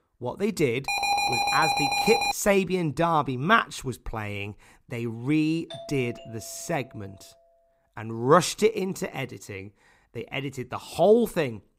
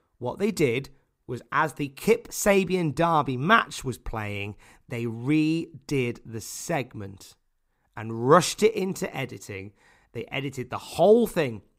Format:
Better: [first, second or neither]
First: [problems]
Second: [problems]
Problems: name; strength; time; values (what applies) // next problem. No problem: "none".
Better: second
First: alarm; loud; from 1 to 2.5 s; peak 3 dB above the speech // doorbell; faint; from 5.5 to 7 s; peak 15 dB below the speech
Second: none